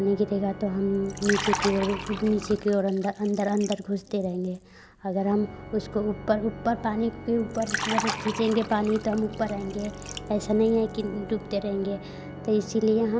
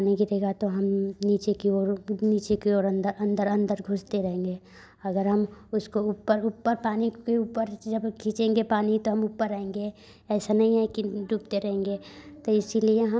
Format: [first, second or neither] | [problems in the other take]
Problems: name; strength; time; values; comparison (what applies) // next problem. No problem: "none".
second | background sound (Organ + Liquid); 10 dB below the speech